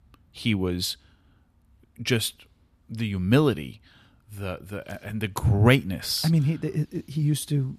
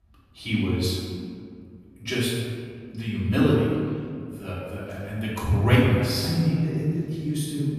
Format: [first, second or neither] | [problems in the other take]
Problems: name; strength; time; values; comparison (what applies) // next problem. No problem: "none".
first | off-mic speech; far // room echo; strong; dies away in 1.8 s